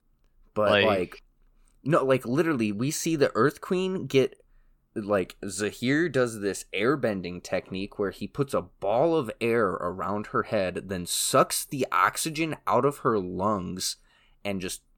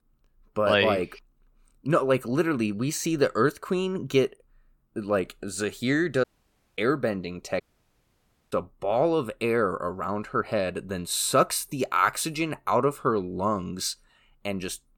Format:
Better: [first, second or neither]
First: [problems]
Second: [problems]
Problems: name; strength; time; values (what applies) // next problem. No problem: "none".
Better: first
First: none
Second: audio cutting out; at 6 s for 0.5 s and at 7.5 s for 1 s